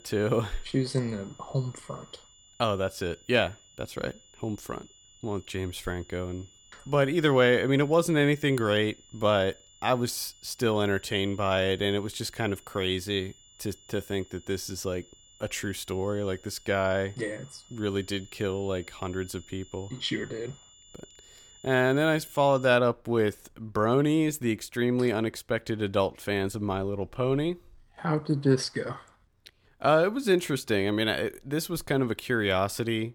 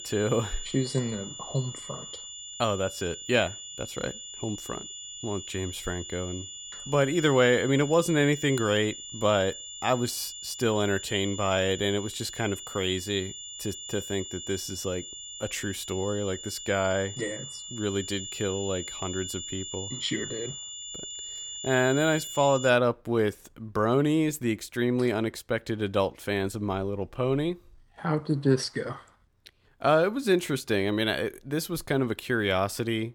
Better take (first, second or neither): first